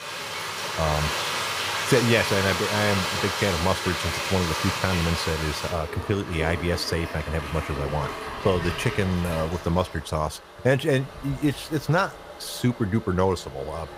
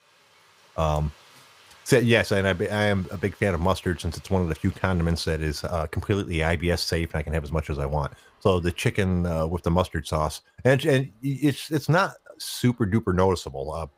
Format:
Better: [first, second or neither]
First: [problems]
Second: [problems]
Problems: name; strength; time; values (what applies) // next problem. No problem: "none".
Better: second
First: household noises; loud; throughout; 2 dB below the speech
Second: household noises; faint; throughout; 30 dB below the speech